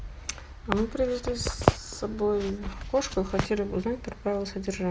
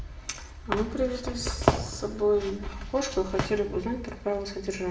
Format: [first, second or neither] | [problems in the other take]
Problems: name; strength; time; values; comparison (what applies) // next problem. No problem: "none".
first | room echo; dies away in 0.6 s